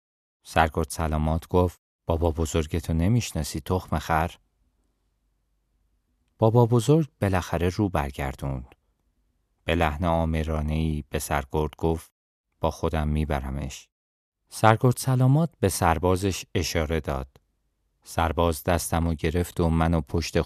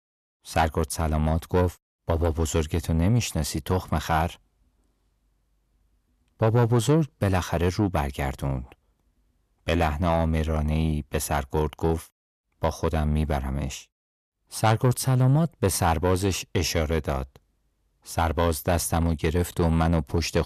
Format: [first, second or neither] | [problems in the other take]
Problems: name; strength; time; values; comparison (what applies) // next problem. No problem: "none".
first | distortion; slight; 10 dB below the speech